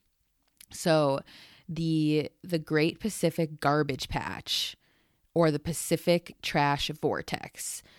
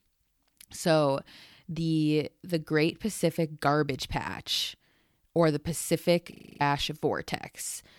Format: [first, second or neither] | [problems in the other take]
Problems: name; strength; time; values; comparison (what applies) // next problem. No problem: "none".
first | audio freezing; at 6.5 s